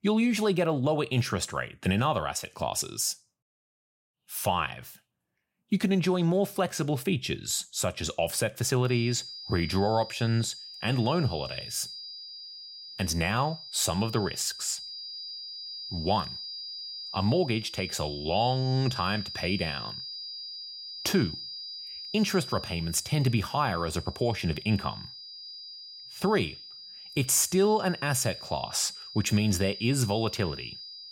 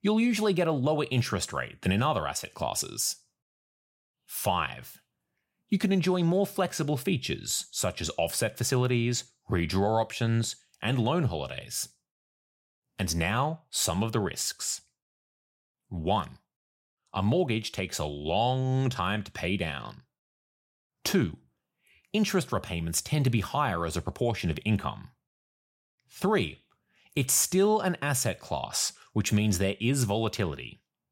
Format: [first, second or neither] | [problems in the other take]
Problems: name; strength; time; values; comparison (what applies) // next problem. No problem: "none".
second | high-pitched whine; noticeable; from 9 s on; 5 kHz, 10 dB below the speech